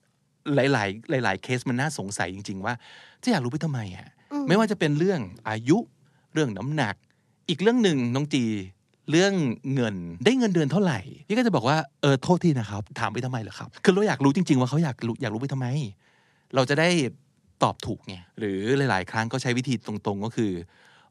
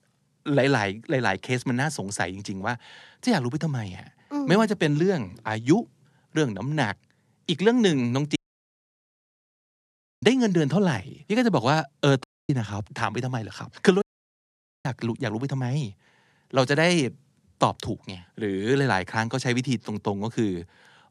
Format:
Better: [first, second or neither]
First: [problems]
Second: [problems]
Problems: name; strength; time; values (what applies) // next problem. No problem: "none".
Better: first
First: none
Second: audio cutting out; at 8.5 s for 2 s, at 12 s and at 14 s for 1 s